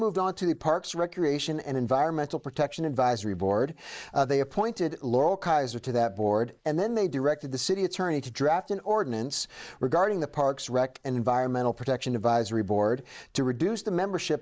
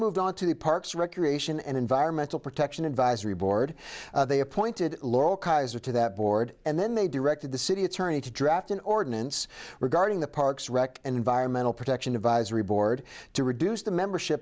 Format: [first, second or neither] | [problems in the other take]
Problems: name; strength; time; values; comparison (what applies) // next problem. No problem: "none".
second | noise reduction (neural mask model Resemble Enhance denoiser)